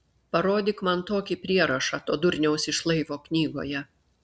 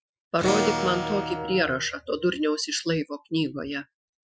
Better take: first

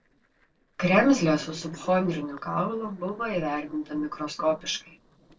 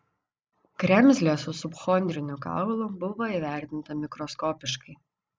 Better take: second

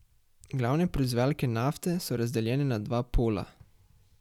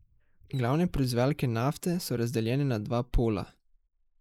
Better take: first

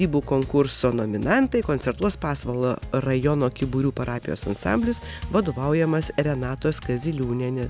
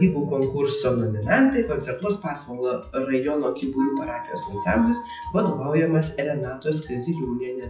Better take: first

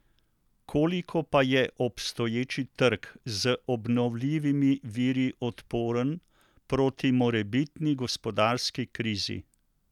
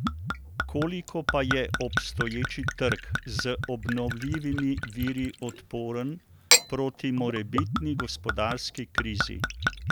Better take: first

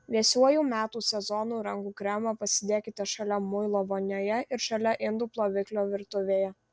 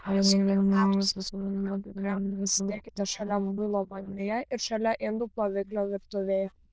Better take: first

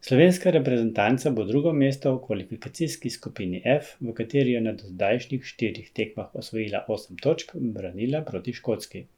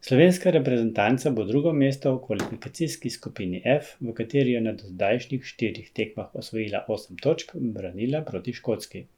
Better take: first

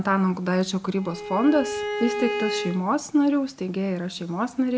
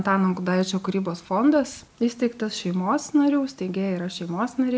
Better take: second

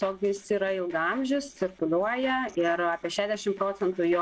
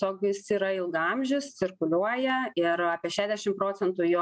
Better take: second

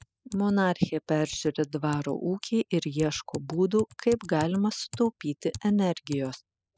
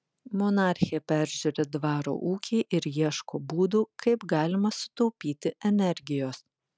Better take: second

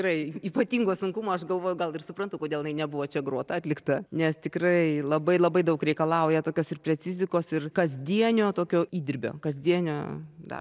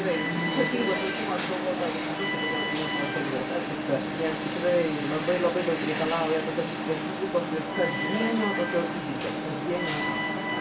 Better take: first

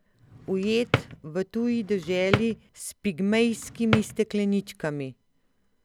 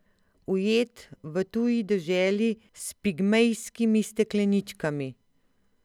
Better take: second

